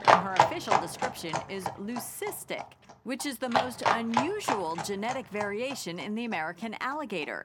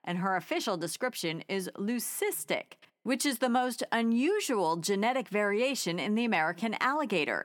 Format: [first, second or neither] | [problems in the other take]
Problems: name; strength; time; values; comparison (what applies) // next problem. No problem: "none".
second | animal sounds; very loud; throughout; 5 dB above the speech